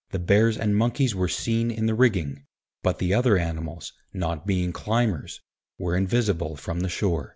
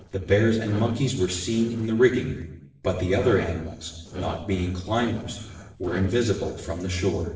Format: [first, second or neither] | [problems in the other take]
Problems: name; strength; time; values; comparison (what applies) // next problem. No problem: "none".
first | noise reduction (neural separator model SepFormer DNS4)